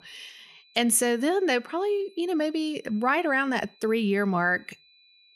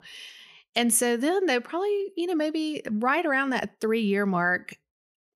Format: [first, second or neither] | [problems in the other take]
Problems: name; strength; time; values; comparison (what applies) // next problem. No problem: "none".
second | high-pitched whine; faint; throughout; 4 kHz, 30 dB below the speech